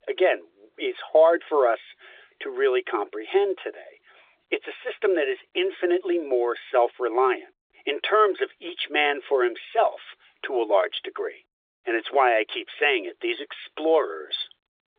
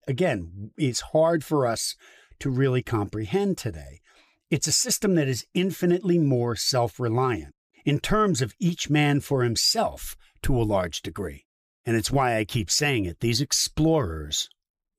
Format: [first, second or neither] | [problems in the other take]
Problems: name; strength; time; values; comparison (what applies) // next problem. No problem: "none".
second | phone-call audio